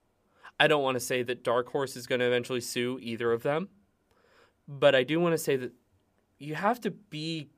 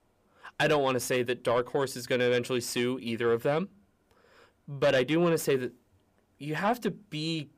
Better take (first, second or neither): first